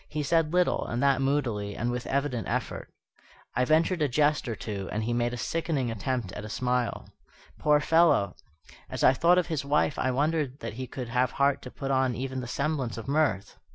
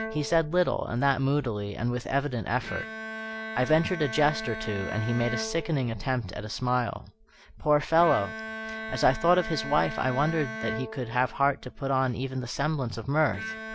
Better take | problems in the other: first | background sound (Bowed string instrument); 11 dB below the speech

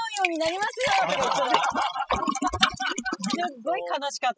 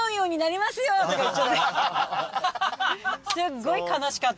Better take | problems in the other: second | noise reduction (classical method spectral subtraction)

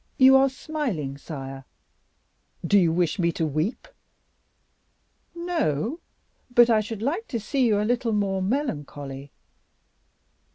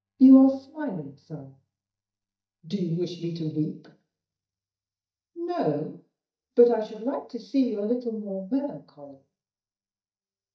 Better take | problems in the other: first | noise reduction (neural mask model DeepFilterNet 3)

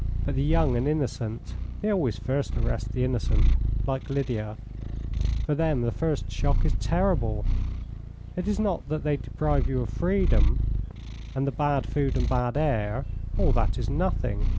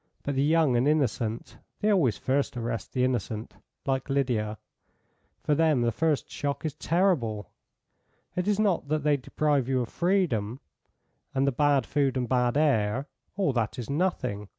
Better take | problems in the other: second | background sound (Purr); 2 dB above the speech

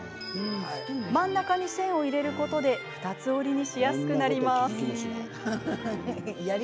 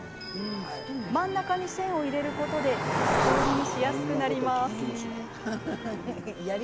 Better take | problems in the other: first | background sound (Cricket); 3 dB below the speech

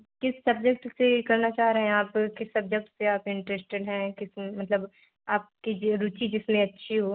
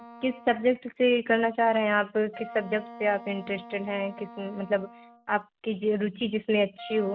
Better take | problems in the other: first | background sound (Wind instrument, woodwind instrument); 19 dB below the speech

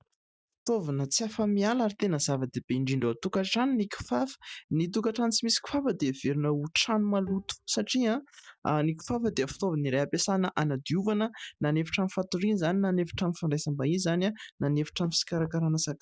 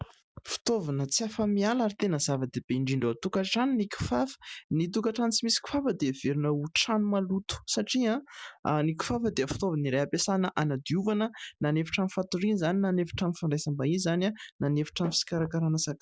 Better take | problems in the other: second | noise reduction (neural mask model DeepFilterNet 3)

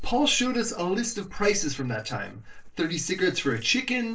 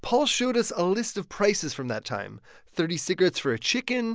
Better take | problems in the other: second | noise reduction (neural separator model SepFormer DNS4)

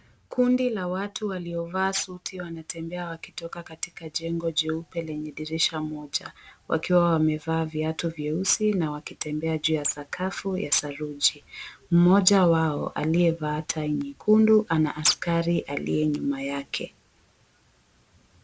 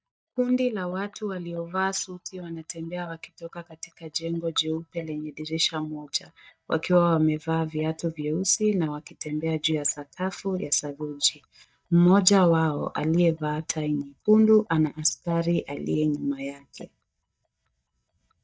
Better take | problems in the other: first | noise reduction (neural mask model DeepFilterNet 3)

